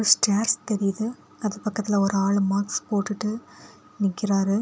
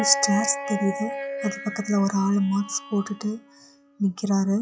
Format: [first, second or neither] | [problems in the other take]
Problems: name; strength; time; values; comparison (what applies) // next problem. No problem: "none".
first | noise reduction (classical method log-MMSE)